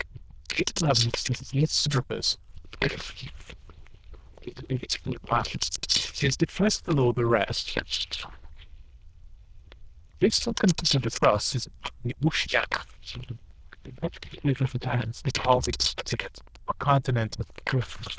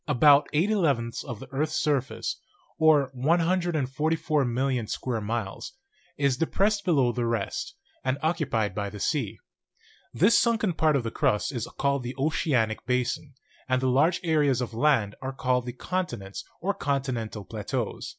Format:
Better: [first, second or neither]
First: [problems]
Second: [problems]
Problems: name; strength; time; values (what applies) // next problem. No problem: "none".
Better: second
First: noise reduction (neural diffusion model UNIVERSE++)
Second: none